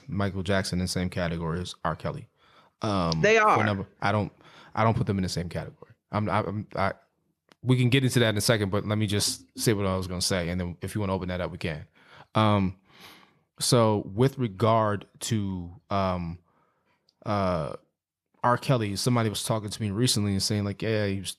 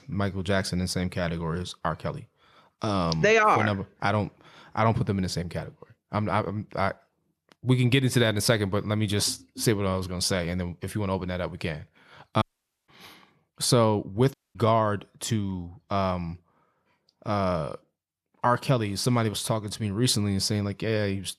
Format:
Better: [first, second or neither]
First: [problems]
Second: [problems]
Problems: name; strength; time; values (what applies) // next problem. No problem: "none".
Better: first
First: none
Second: audio cutting out; at 12 s and at 14 s